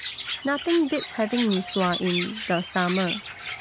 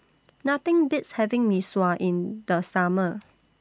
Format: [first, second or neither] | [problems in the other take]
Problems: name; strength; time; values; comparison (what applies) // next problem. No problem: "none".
second | background sound (Chirp, tweet); 8 dB below the speech